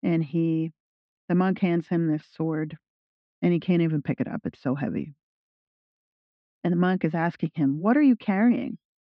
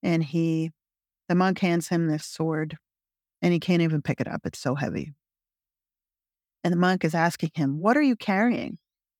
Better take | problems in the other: second | muffled; slightly; fading above 3.5 kHz

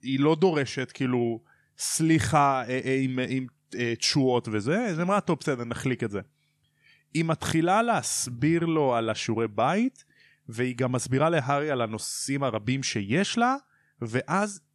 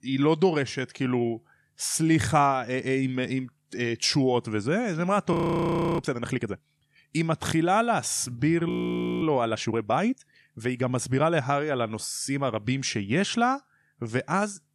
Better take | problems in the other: first | audio freezing; at 5.5 s for 0.5 s and at 8.5 s for 0.5 s

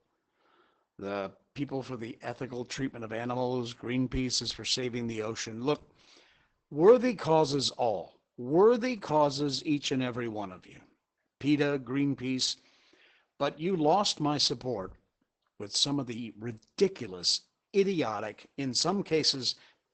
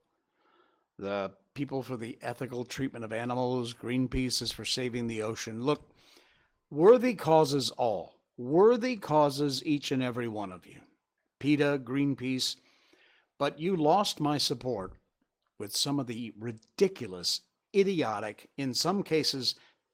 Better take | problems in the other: second | garbled, watery; badly; nothing above 8 kHz; slightly in the second

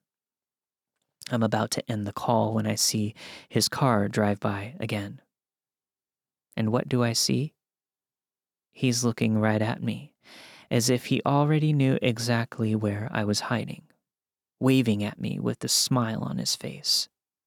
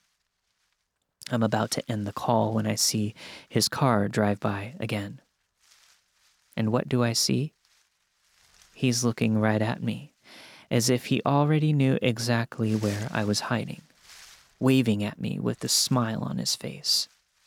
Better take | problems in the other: first | wind noise on the microphone; occasional gusts; 25 dB below the speech

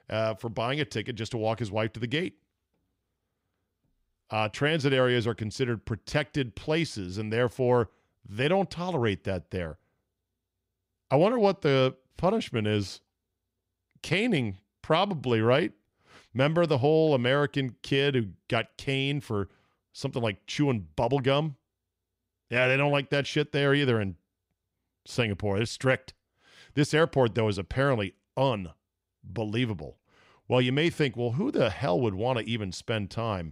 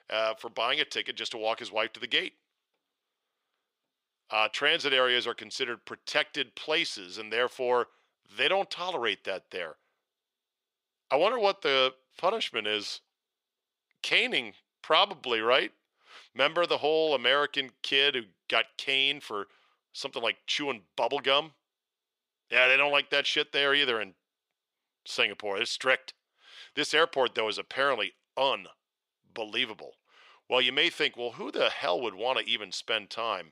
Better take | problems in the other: first | thin; very; fading below 500 Hz

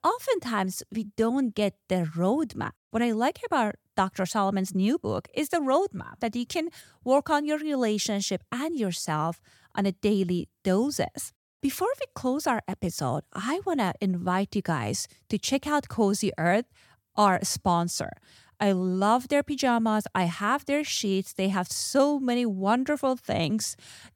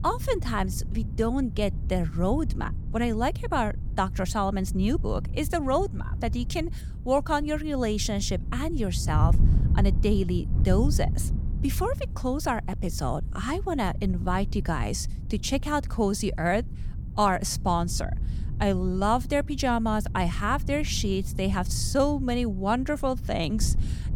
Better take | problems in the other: first | wind noise on the microphone; occasional gusts; 15 dB below the speech

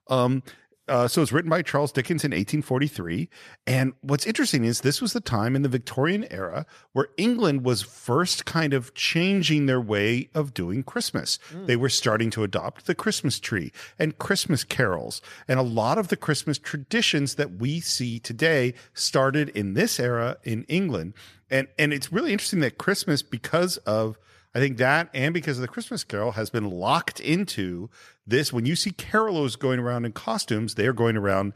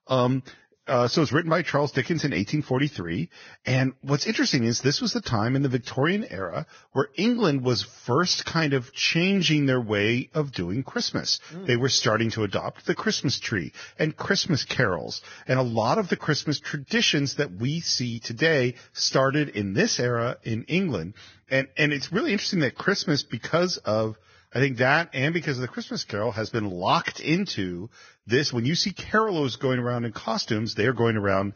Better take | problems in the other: first | garbled, watery; badly; nothing above 6.5 kHz

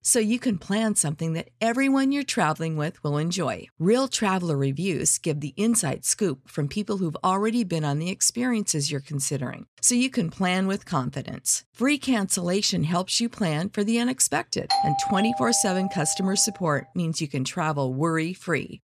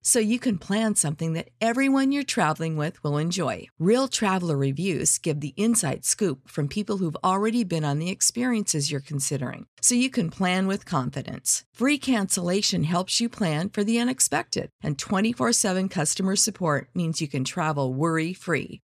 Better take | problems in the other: second | doorbell; loud; from 15 to 16 s; peak 1 dB above the speech

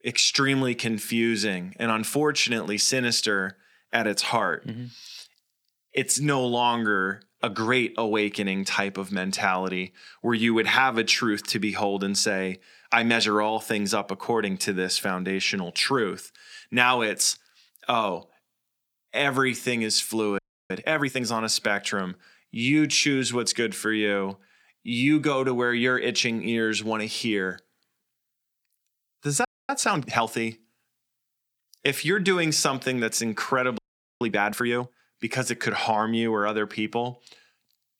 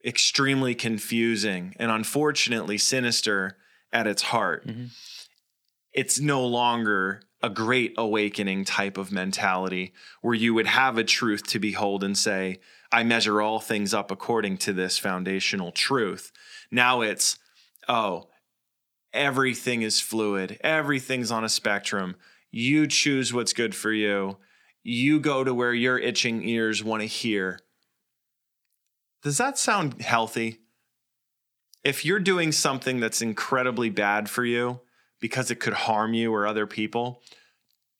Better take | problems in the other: second | audio freezing; at 20 s, at 29 s and at 34 s

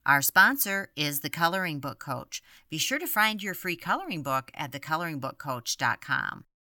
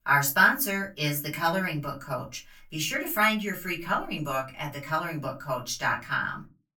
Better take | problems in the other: first | off-mic speech; far // room echo; very slight; dies away in 0.2 s

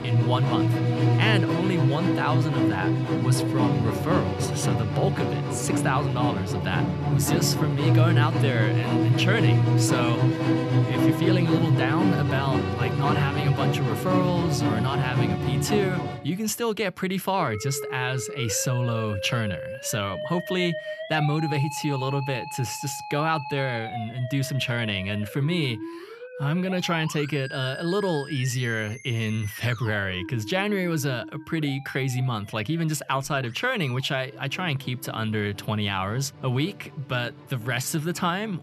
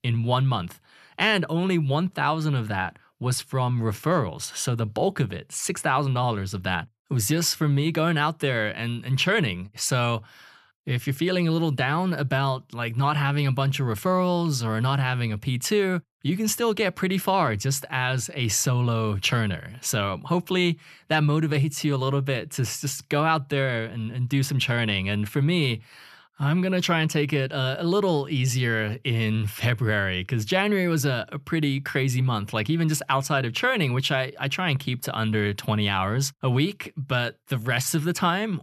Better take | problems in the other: second | background music; very loud; throughout; 1 dB above the speech

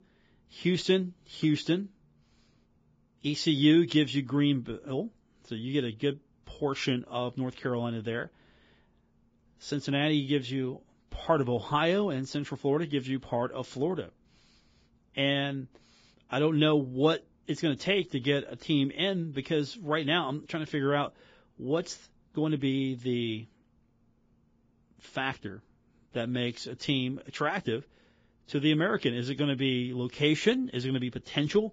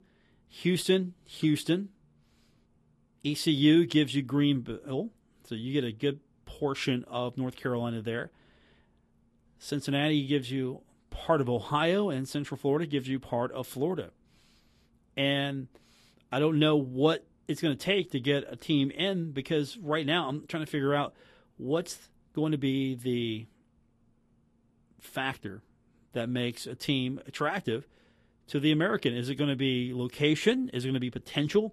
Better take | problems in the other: second | garbled, watery; badly; nothing above 7.5 kHz; slightly in the second

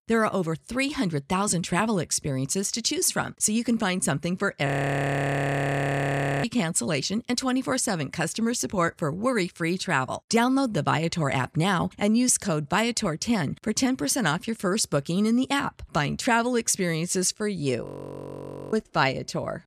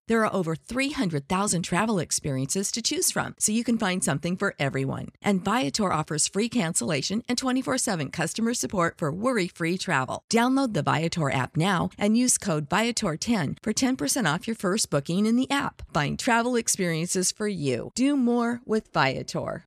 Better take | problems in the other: second | audio freezing; at 4.5 s for 2 s and at 18 s for 1 s

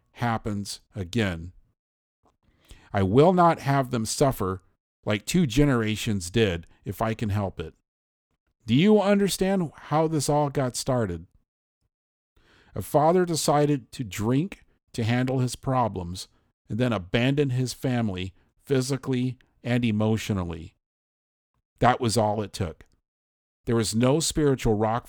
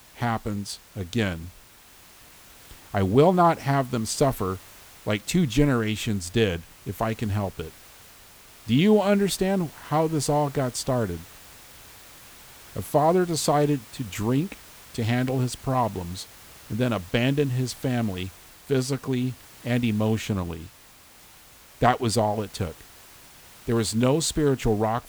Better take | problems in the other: first | hiss; faint; throughout; 20 dB below the speech

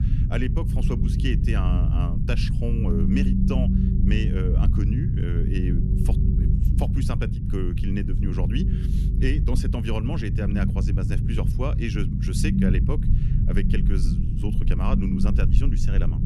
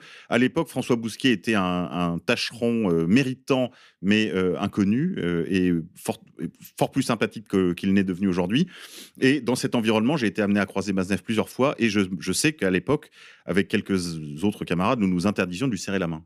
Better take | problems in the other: second | low rumble; loud; throughout; 1 dB below the speech

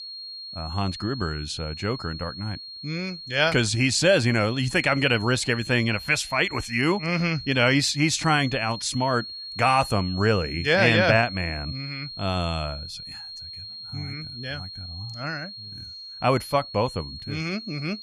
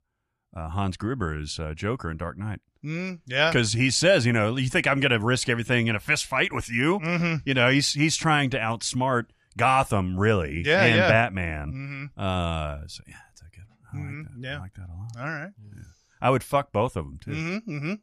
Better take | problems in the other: second | high-pitched whine; noticeable; throughout; 4.5 kHz, 10 dB below the speech

